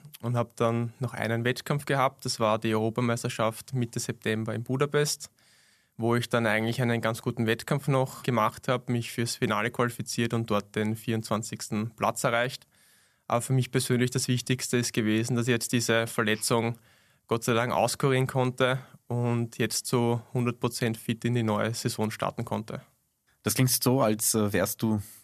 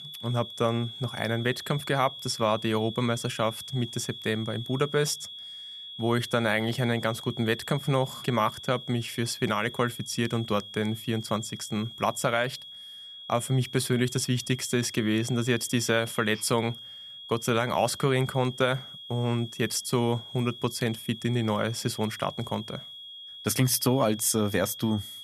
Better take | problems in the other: first | high-pitched whine; noticeable; throughout; 3.5 kHz, 10 dB below the speech

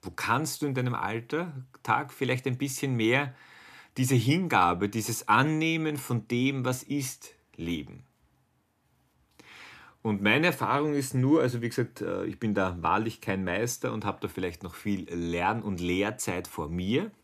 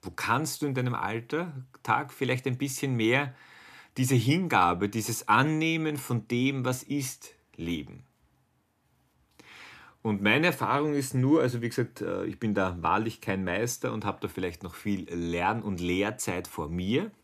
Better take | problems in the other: neither | none

